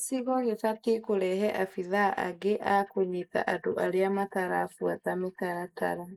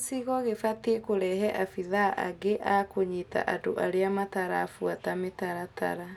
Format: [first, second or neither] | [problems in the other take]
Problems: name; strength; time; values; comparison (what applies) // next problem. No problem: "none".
second | noise reduction (neural mask model Resemble Enhance denoiser)